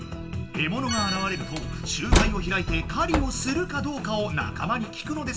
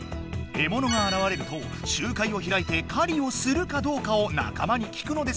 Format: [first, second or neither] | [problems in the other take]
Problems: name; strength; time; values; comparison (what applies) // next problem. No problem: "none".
second | background sound (Slam); 1 dB below the speech // room echo; dies away in 0.7 s